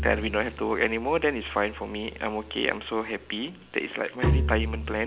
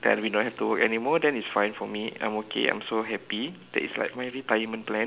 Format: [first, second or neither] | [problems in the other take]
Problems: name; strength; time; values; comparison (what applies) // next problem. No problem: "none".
second | background sound (Bowed string instrument); 4 dB below the speech